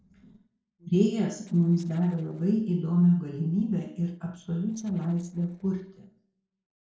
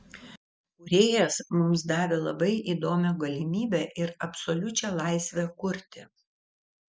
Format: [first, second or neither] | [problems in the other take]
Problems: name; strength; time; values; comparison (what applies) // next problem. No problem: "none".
second | noise reduction (neural separator model SepFormer DNS4)